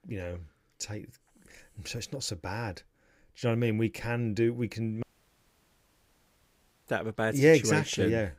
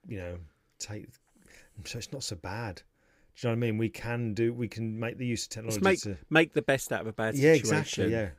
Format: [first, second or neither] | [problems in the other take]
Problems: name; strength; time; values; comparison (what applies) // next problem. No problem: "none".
second | audio cutting out; at 5 s for 2 s